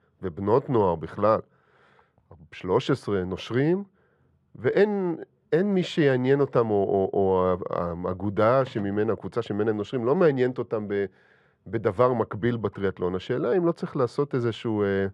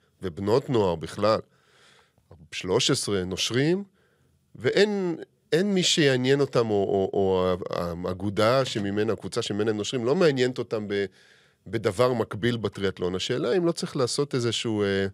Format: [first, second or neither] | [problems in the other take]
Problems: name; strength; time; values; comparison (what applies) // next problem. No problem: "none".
second | muffled; very; fading above 3 kHz